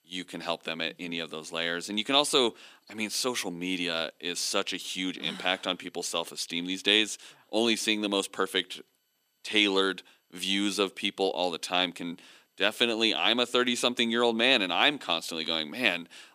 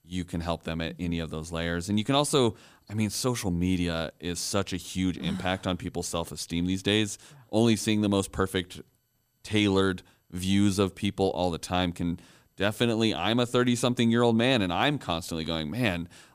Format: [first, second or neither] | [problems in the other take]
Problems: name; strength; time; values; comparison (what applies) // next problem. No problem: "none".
second | thin; very slightly; fading below 250 Hz